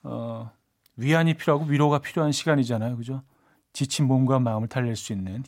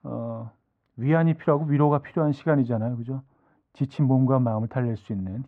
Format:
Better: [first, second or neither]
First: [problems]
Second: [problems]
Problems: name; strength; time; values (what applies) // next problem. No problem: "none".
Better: first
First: none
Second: muffled; very; fading above 4 kHz